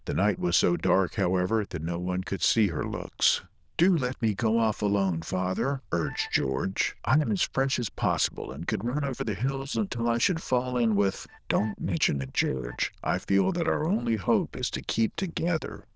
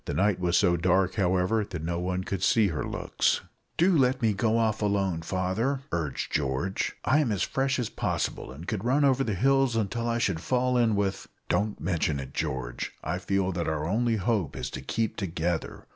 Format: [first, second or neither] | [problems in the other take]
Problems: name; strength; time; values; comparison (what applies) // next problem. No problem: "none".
second | noise reduction (neural diffusion model UNIVERSE++)